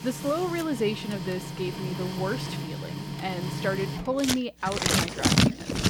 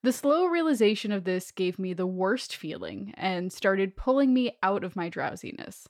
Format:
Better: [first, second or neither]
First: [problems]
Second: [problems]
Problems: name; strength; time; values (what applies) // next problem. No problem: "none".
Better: second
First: household noises; very loud; throughout; 2 dB above the speech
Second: none